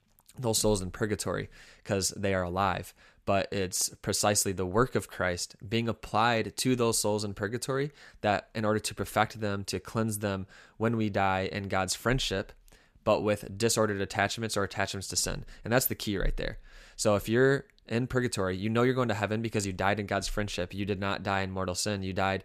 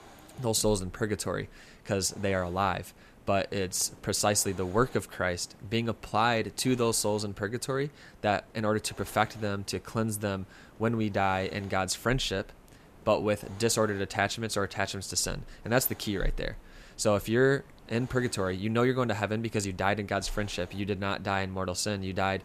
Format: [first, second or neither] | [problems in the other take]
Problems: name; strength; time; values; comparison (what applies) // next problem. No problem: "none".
first | hiss; faint; throughout; 25 dB below the speech